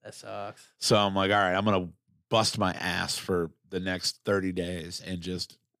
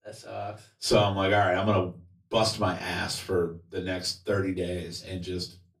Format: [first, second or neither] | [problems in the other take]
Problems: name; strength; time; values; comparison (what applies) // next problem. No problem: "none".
first | off-mic speech; far // room echo; very slight; dies away in 0.2 s